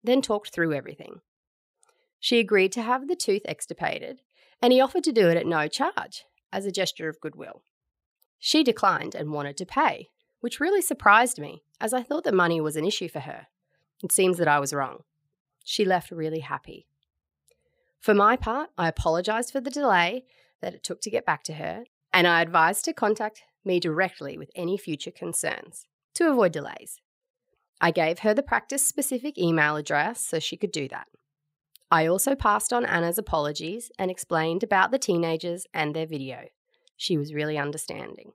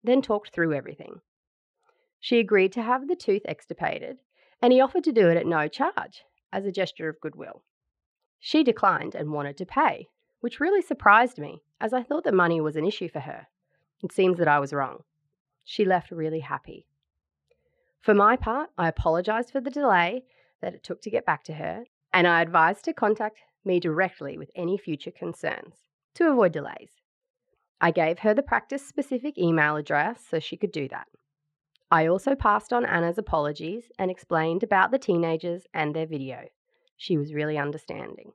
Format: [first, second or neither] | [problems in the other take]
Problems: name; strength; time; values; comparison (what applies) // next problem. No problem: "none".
first | muffled; slightly; fading above 2.5 kHz